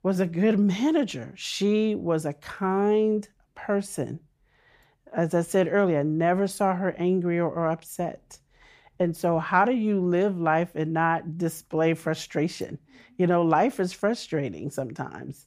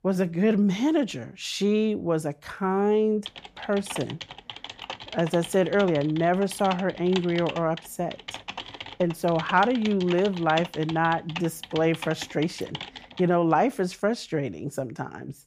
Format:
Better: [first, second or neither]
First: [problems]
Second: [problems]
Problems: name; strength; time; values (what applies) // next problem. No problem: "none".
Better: first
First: none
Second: keyboard typing; noticeable; from 3.5 to 13 s; peak 8 dB below the speech